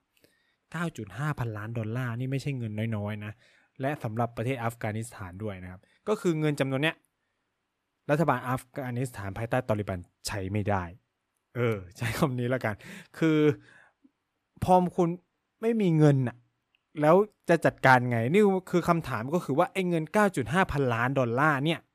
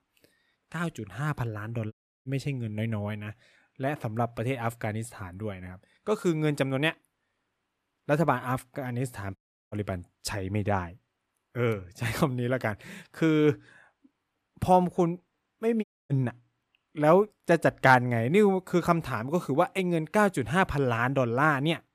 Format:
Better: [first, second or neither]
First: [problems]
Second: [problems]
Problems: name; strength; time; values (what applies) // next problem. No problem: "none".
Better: first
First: none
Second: audio cutting out; at 2 s, at 9.5 s and at 16 s